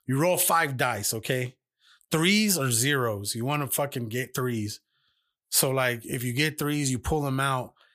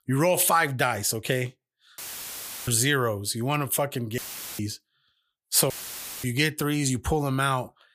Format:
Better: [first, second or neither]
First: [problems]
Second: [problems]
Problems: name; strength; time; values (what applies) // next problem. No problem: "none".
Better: first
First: none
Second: audio cutting out; filled with static; at 2 s for 0.5 s, at 4 s and at 5.5 s for 0.5 s